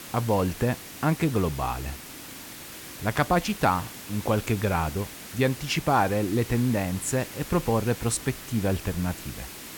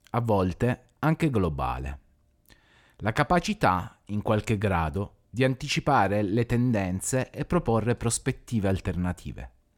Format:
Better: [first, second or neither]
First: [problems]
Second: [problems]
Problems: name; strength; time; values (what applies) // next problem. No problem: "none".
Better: second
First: hiss; noticeable; throughout; 10 dB below the speech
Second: none